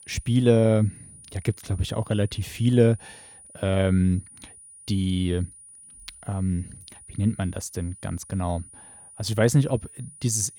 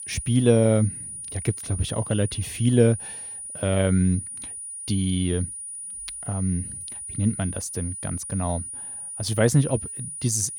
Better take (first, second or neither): first